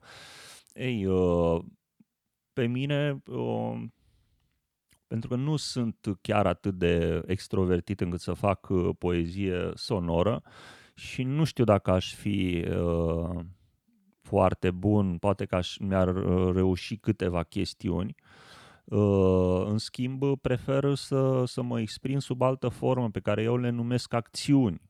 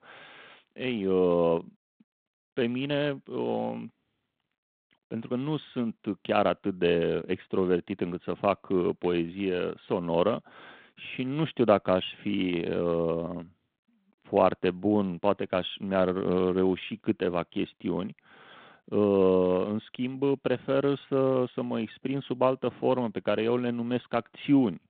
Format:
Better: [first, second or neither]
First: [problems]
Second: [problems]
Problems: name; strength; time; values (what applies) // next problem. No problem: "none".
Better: first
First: none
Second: phone-call audio